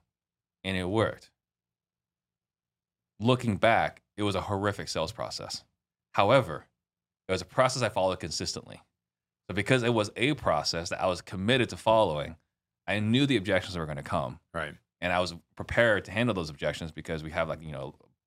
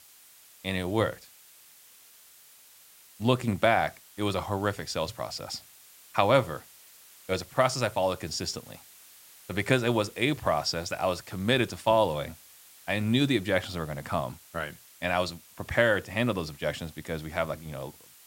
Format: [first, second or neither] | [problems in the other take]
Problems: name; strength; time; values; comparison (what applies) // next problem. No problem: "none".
first | hiss; faint; throughout; 20 dB below the speech